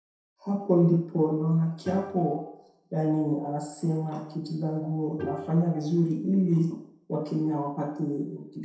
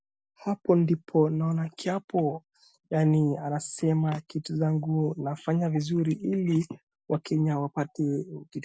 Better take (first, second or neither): second